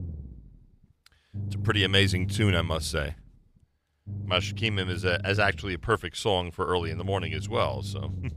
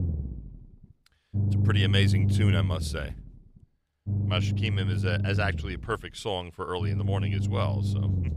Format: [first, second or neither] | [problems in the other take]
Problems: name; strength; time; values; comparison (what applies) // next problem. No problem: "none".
first | low rumble; loud; throughout; 8 dB below the speech; faint in the first